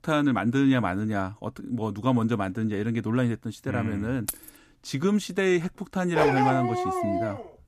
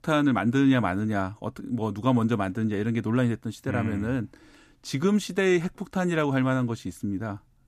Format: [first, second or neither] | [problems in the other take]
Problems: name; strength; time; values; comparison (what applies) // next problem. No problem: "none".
second | jangling keys; noticeable; at 4.5 s; peak 8 dB below the speech // dog barking; loud; from 6 s on; peak 4 dB above the speech